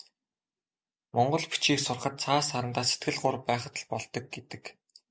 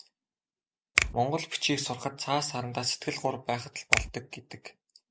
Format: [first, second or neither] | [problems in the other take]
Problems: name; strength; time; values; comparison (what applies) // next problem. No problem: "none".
first | background sound (Finger snapping); 1 dB below the speech